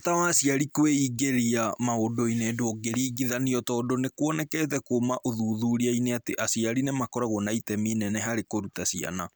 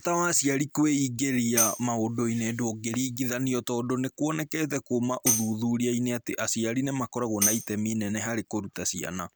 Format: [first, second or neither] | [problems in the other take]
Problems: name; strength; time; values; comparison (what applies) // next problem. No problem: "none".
first | background sound (Tambourine); 5 dB below the speech